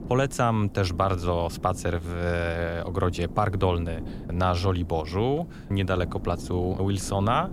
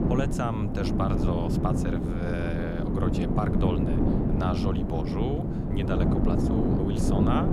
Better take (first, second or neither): first